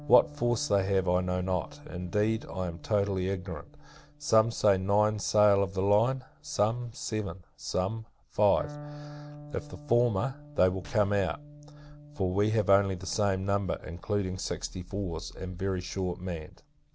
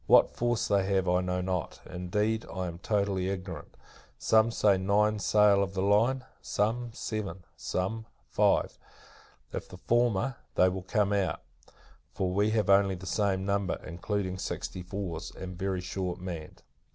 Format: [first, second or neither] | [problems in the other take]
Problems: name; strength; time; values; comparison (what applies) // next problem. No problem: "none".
second | background sound (Electric guitar + Gunshot, gunfire); 20 dB below the speech